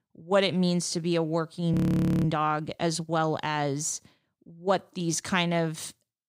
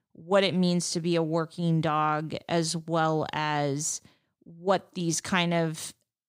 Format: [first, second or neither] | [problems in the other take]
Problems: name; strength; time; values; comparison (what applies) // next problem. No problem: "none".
second | audio freezing; at 1.5 s for 0.5 s